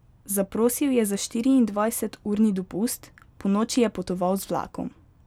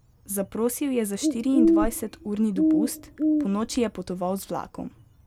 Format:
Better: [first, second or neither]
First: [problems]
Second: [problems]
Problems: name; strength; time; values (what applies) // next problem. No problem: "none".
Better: first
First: none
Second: background sound (Bird); 1 dB above the speech